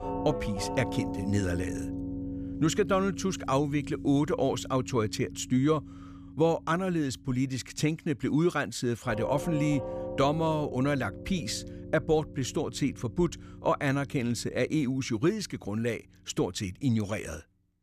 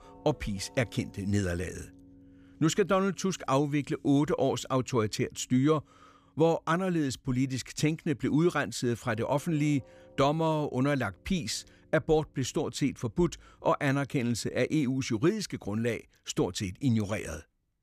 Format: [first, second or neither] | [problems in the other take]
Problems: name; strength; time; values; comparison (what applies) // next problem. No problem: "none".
second | alarms or sirens; loud; throughout; 10 dB below the speech; faint in the second